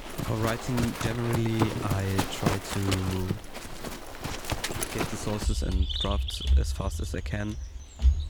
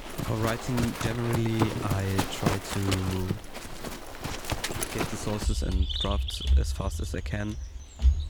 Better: neither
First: animal sounds; very loud; throughout; as loud as the speech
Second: animal sounds; very loud; throughout; as loud as the speech

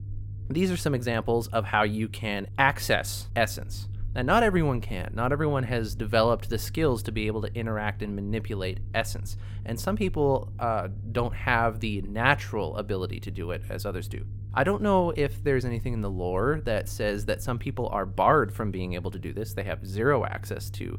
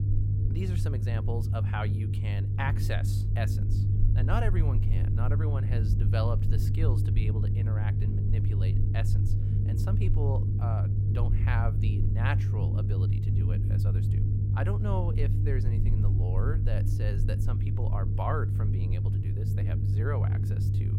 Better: first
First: low rumble; faint; throughout; 25 dB below the speech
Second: low rumble; loud; throughout; 2 dB below the speech

